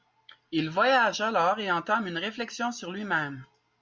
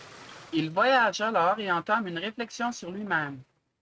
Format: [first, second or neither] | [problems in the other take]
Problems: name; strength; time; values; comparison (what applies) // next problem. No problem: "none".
first | noise reduction (neural mask model RNNoise)